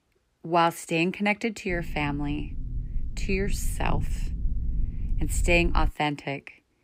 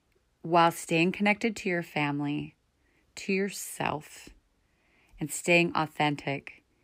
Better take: second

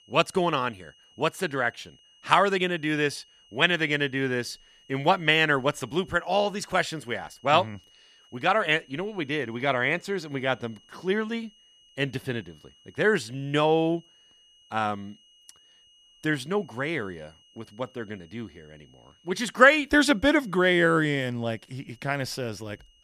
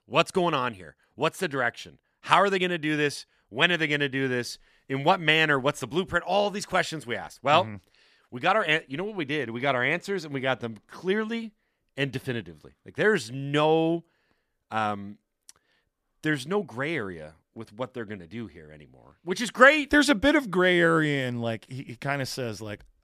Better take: second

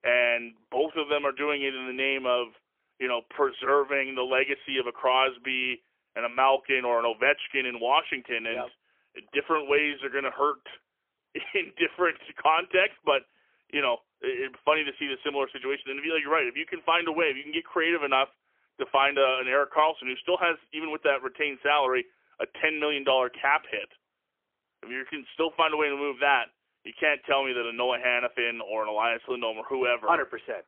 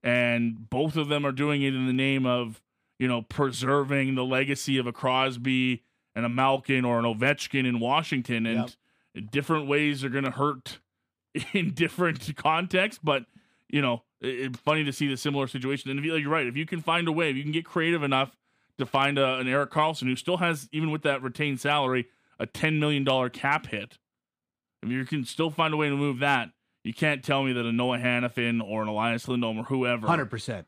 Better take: second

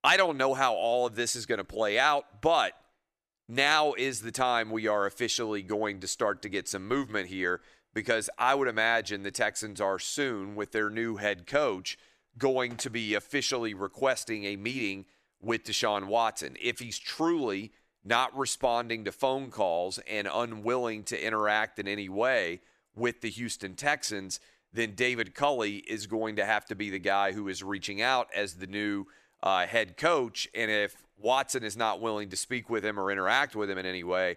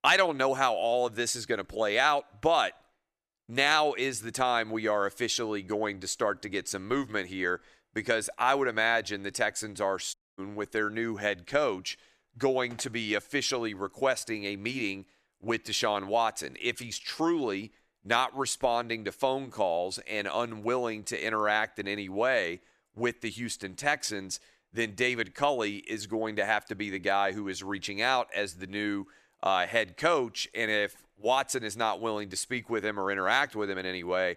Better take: first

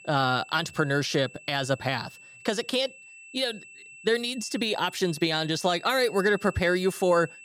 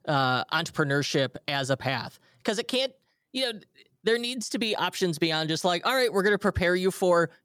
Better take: second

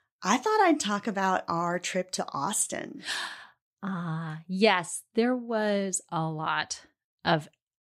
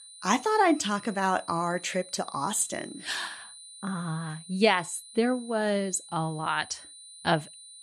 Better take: first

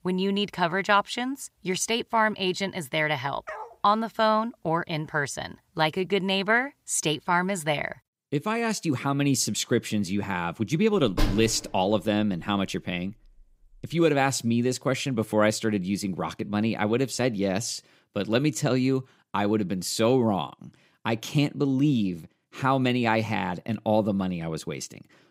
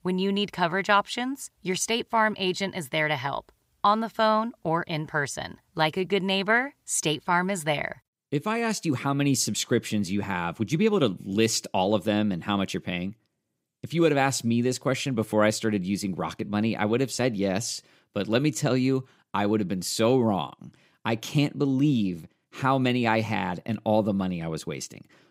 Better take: second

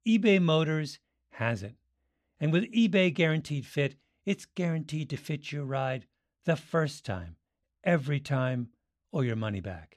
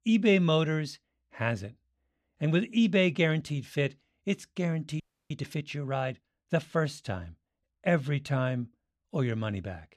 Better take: first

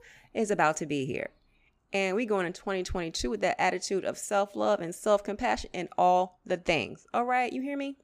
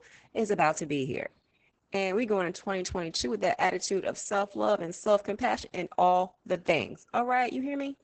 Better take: first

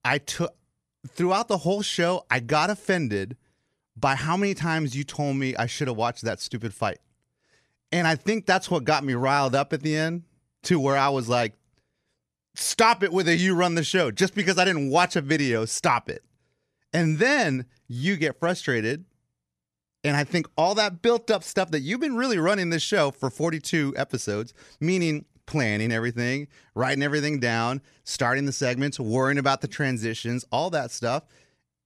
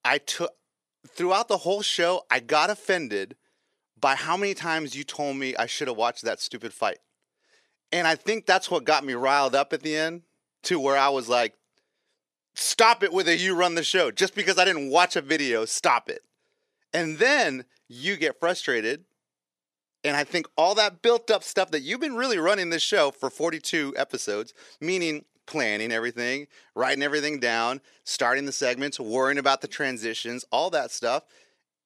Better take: first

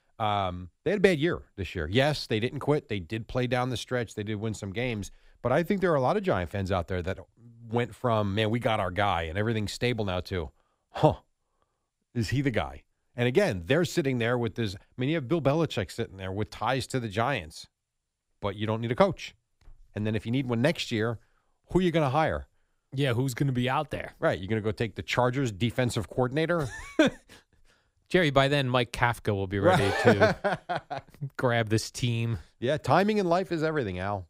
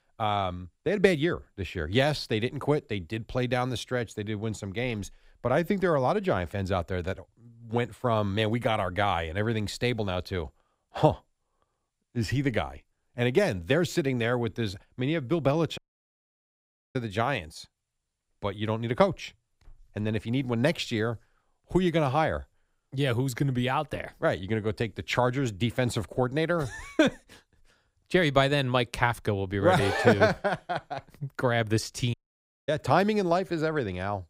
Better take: first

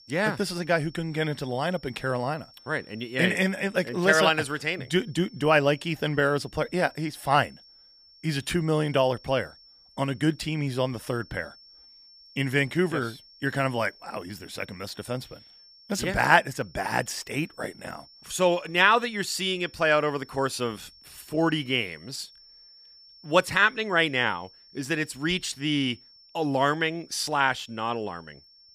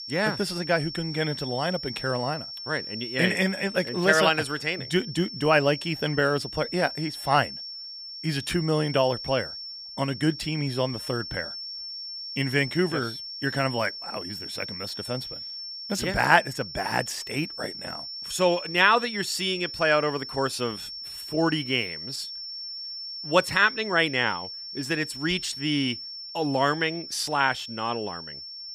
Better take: first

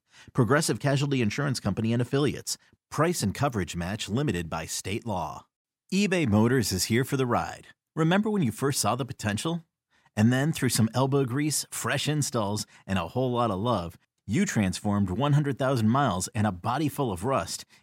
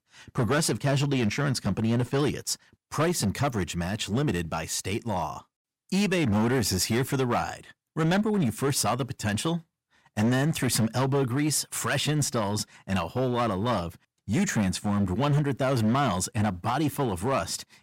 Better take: first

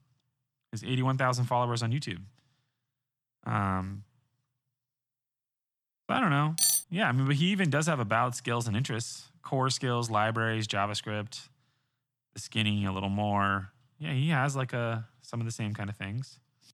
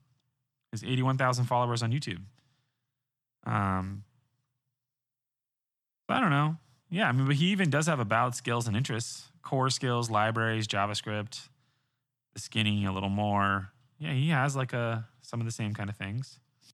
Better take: second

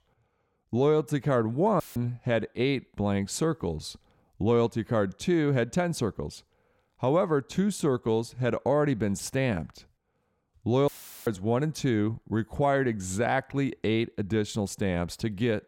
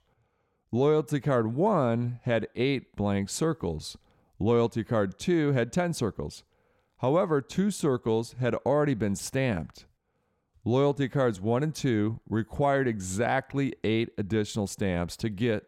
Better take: second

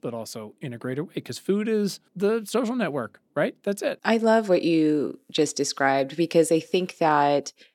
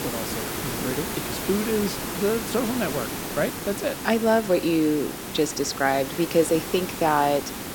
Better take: first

